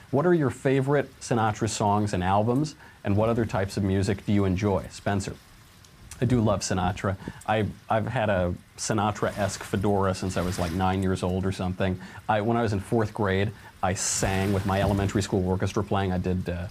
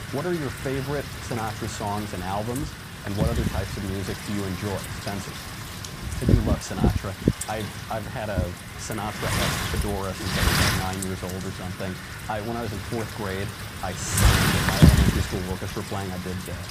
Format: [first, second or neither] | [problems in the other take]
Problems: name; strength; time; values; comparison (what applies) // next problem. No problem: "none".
first | wind noise on the microphone; heavy; 3 dB above the speech; occasional gusts in the first